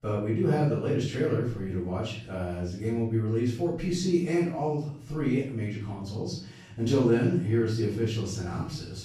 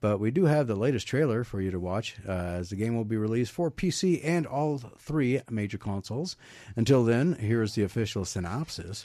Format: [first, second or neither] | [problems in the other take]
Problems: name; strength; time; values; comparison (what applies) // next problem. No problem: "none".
second | off-mic speech; far // room echo; noticeable; dies away in 0.6 s